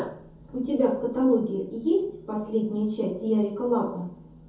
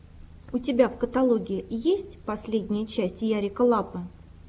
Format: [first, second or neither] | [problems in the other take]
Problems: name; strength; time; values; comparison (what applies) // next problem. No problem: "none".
second | room echo; dies away in 0.6 s